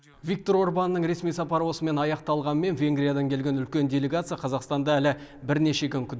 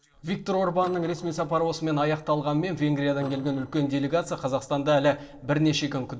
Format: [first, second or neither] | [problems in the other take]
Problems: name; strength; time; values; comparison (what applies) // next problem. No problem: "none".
first | noise reduction (neural separator model SepFormer DNS4)